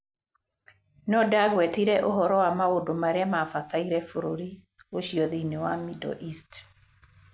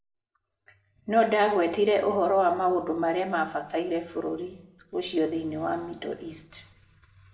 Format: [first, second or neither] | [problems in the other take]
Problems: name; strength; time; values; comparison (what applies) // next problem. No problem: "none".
first | room echo; dies away in 0.6 s